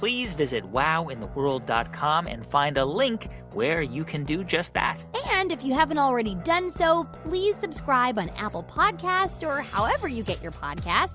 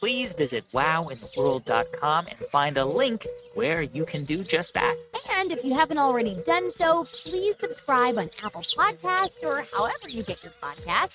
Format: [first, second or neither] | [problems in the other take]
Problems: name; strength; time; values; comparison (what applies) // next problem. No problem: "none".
first | noise reduction (neural mask model RNNoise)